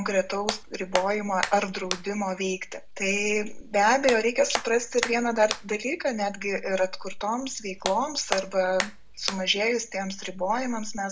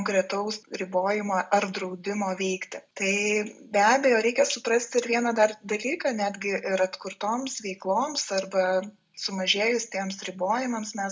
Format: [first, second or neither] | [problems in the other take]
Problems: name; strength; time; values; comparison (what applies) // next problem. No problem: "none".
second | background sound (Hands); 9 dB below the speech